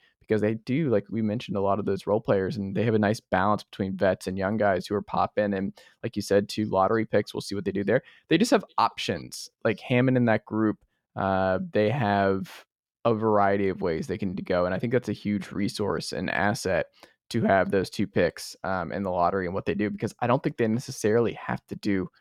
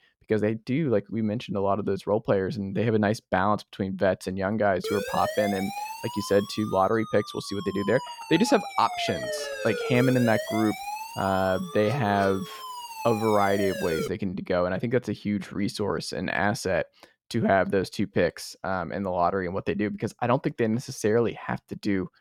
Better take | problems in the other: first | siren; noticeable; from 5 to 14 s; peak 3 dB below the speech

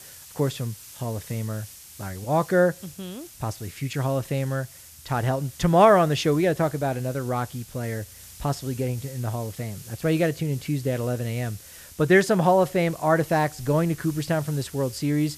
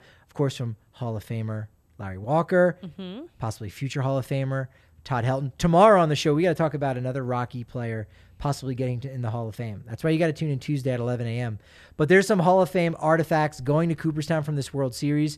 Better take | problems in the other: second | hiss; noticeable; throughout; 20 dB below the speech

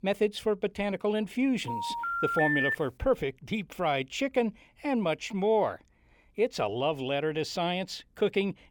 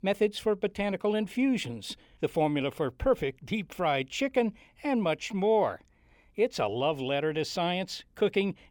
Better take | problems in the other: second | phone ringing; loud; from 1.5 to 3 s; peak 3 dB above the speech

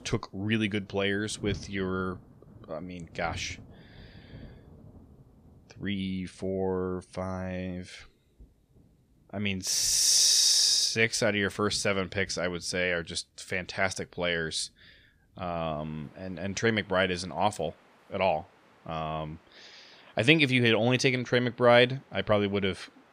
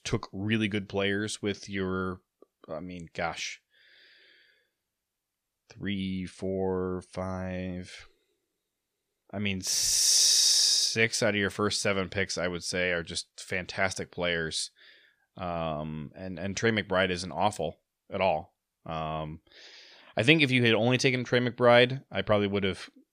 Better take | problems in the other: second | rain or running water; faint; throughout; 25 dB below the speech

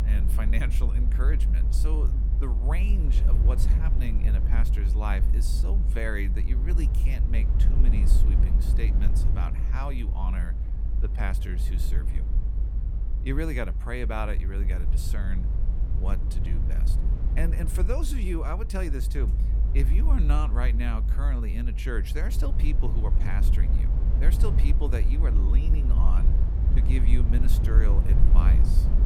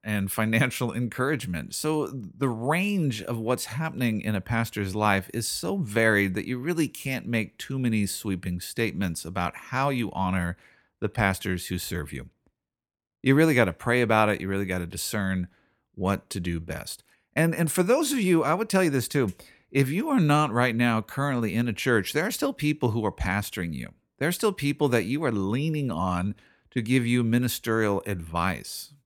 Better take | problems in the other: second | low rumble; loud; throughout; 6 dB below the speech

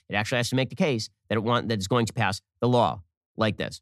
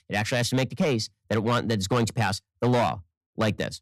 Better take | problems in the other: first | distortion; slight; 8% of the sound clipped

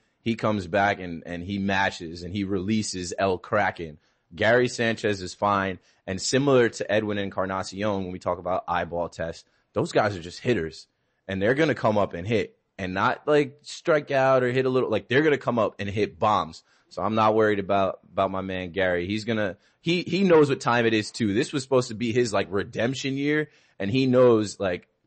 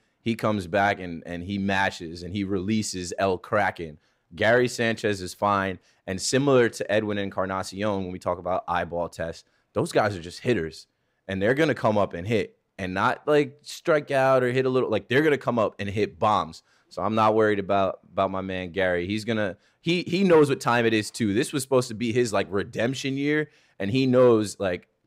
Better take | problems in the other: second | garbled, watery; slightly; nothing above 8 kHz

